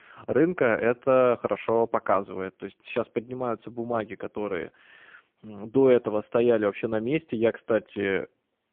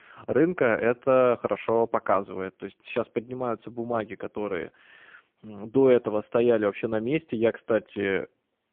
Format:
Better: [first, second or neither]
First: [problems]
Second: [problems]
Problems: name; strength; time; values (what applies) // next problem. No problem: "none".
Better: neither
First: phone-call audio; poor line; nothing above 3.5 kHz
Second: phone-call audio; poor line; nothing above 3.5 kHz